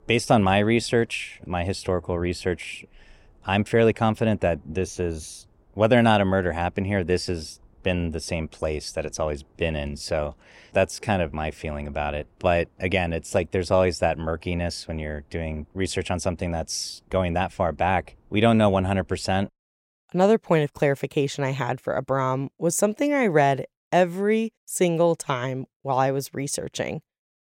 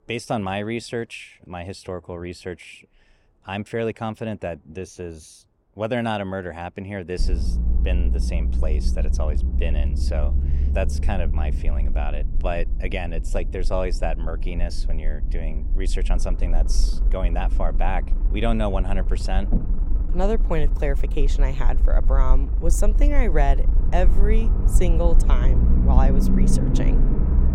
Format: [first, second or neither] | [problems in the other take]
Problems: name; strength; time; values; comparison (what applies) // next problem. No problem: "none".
first | low rumble; loud; from 7 s on; 9 dB below the speech